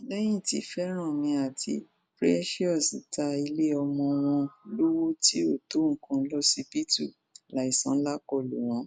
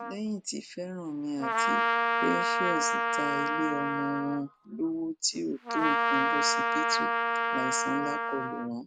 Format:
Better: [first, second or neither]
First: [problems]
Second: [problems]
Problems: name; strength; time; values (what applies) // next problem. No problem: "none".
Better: first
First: none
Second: background sound (Trumpet); 4 dB above the speech